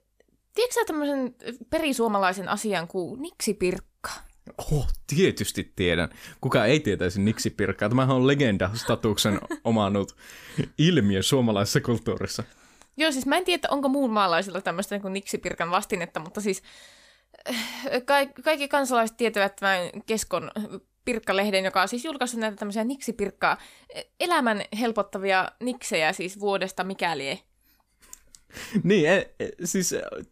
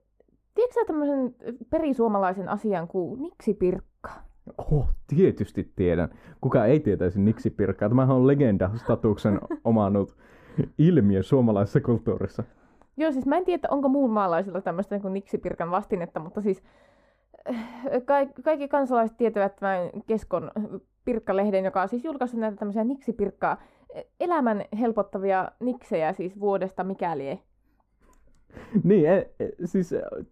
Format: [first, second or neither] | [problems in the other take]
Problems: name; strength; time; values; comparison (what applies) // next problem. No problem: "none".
first | muffled; very; fading above 2 kHz